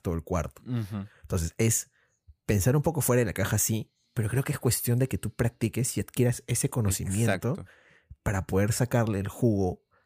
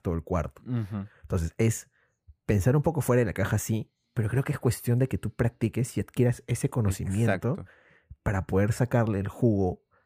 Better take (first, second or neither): first